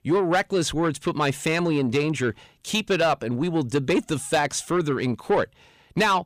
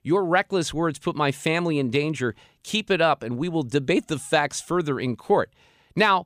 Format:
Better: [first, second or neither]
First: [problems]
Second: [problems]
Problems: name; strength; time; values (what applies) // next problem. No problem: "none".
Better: second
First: distortion; slight; 10 dB below the speech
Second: none